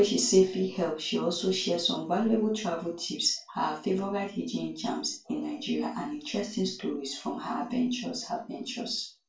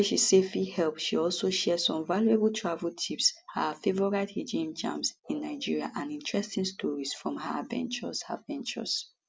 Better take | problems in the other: second | room echo; dies away in 0.3 s

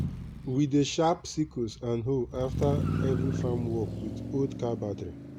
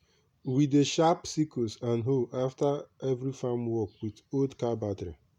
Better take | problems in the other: second | background sound (Motor vehicle (road)); 4 dB below the speech

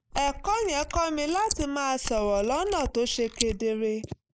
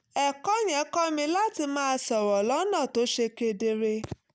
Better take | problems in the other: second | noise reduction (neural mask model Resemble Enhance denoiser)

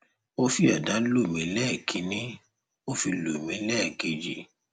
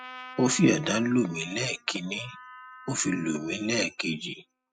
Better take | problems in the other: first | noise reduction (classical method spectral subtraction)

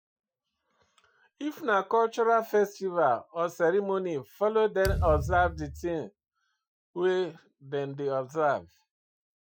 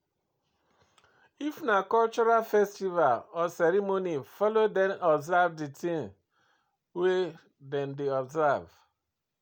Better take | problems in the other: second | noise reduction (classical method Wiener filter)

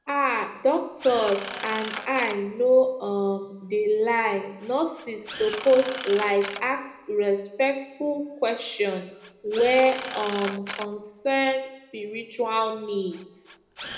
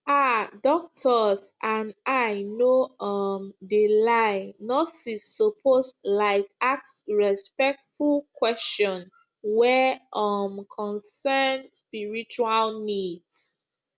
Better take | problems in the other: second | background sound (Drill); 15 dB below the speech // room echo; dies away in 0.9 s

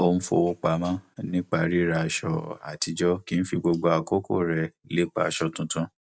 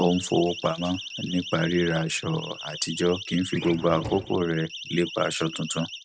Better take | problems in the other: first | noise reduction (neural mask model RNNoise)

